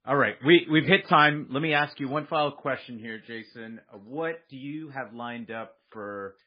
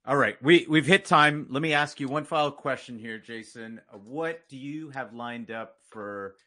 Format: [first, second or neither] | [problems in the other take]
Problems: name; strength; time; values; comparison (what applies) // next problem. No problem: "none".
second | garbled, watery; badly; slightly in the second